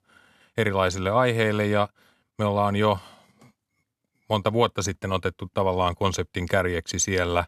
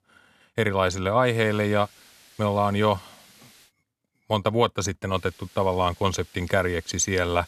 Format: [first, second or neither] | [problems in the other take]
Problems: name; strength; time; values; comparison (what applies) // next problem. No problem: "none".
first | hiss; faint; from 1.5 to 3.5 s and from 5 s on; 25 dB below the speech